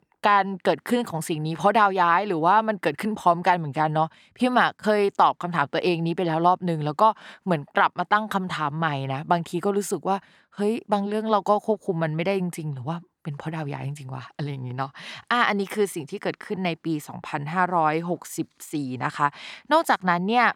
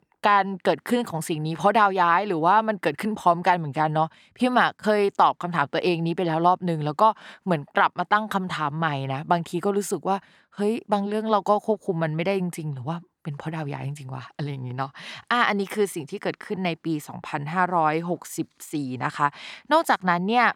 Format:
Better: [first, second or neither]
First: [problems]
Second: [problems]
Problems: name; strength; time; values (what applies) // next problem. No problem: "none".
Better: neither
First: none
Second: none